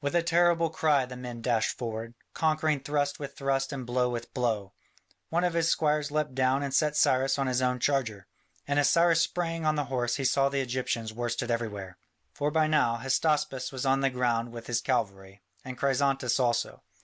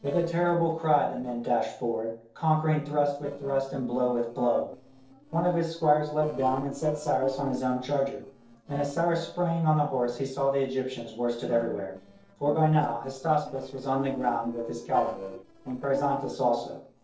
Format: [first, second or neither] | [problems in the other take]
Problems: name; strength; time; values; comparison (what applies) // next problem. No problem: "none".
first | noise reduction (neural separator model SepFormer DNS4)